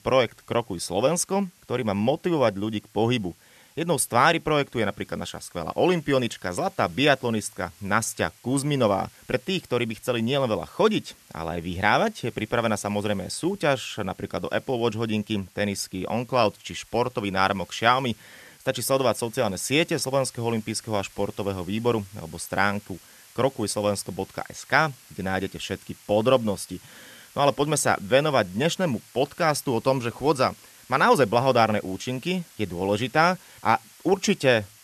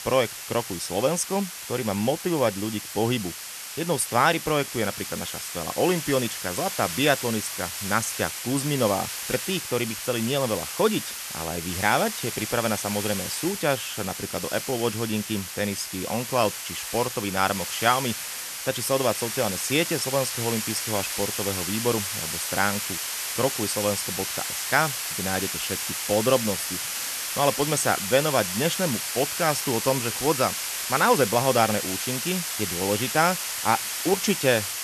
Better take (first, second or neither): first